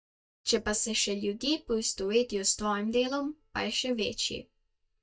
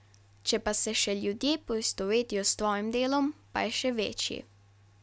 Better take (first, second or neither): second